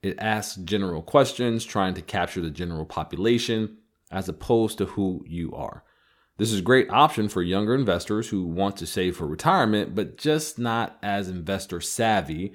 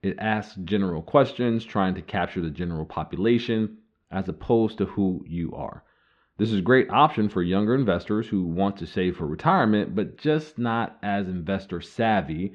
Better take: first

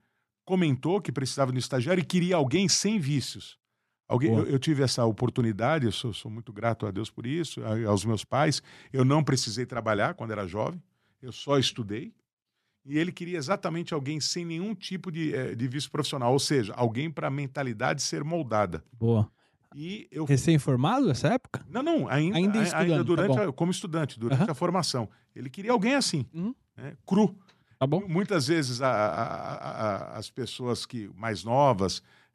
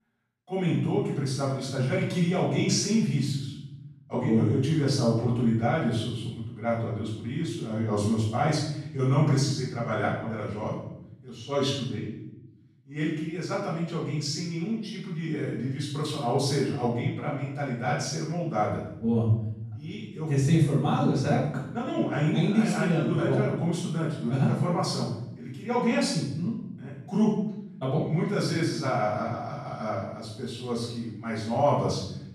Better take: first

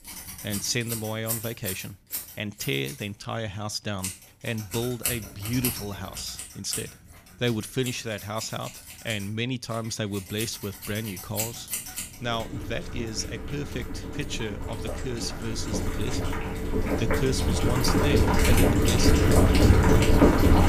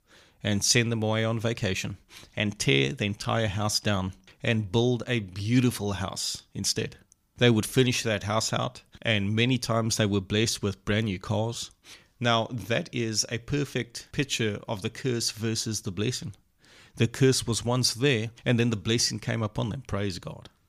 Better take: second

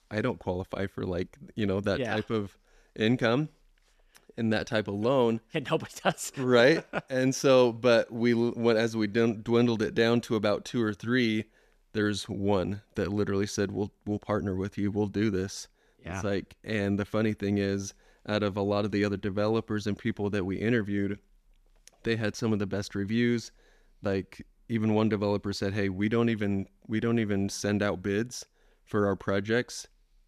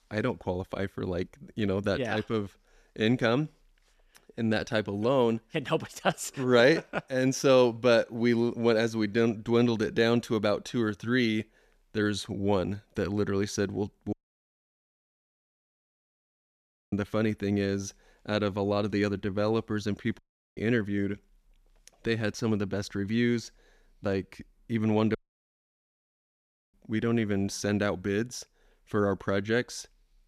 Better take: first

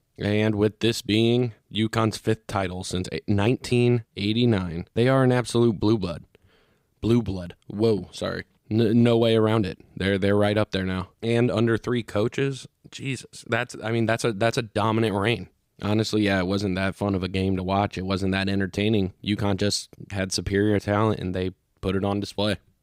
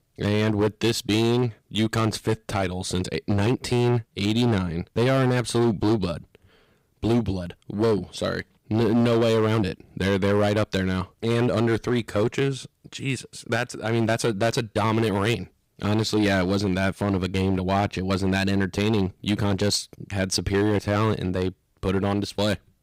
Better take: first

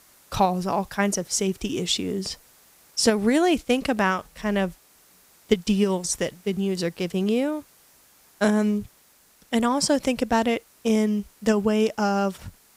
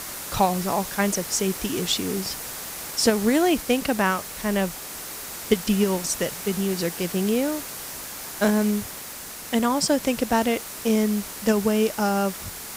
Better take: first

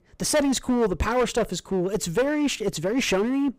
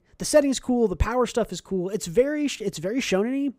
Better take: second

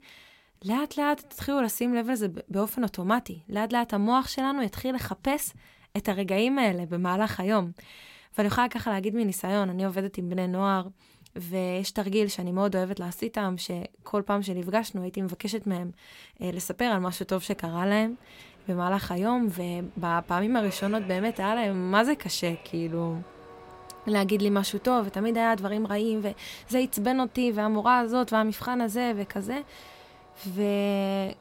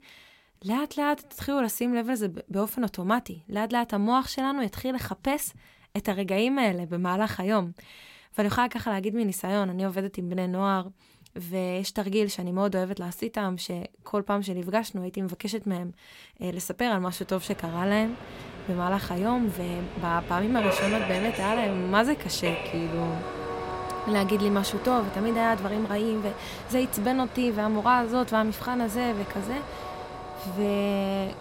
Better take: first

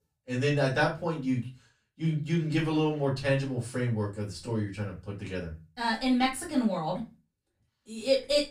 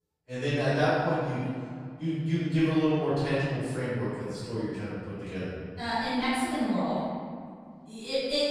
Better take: first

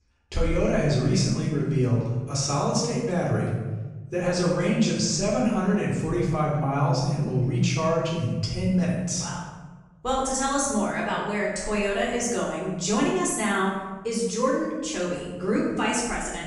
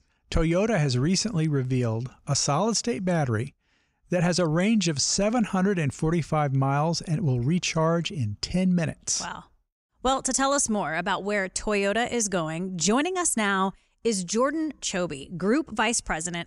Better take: second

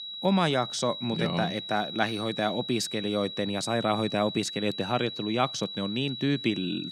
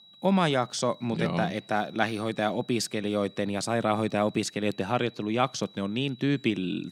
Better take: second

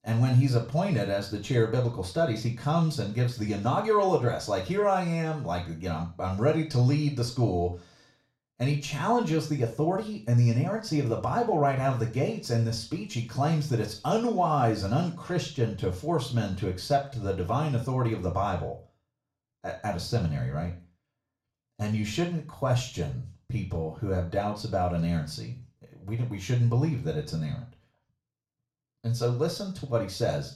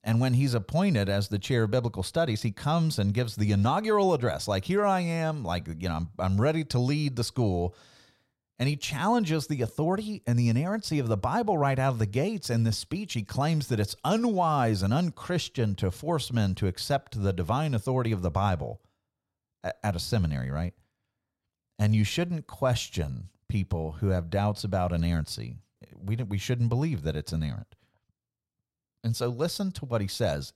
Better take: second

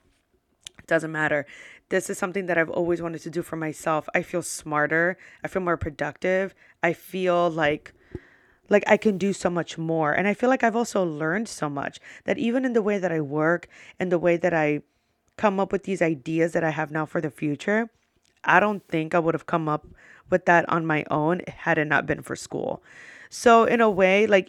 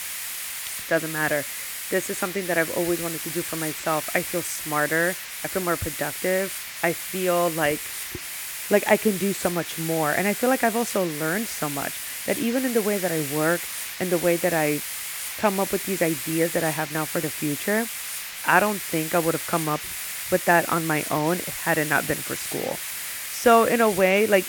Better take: first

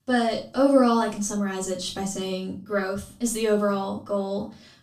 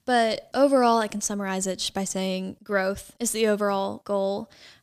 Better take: second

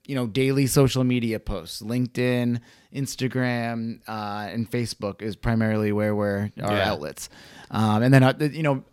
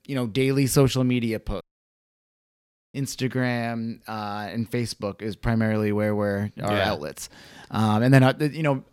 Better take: first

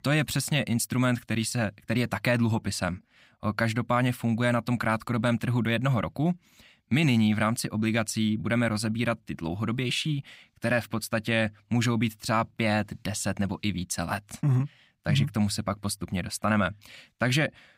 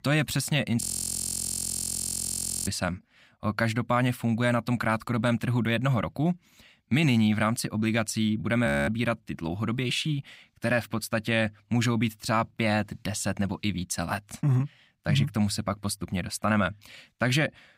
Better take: first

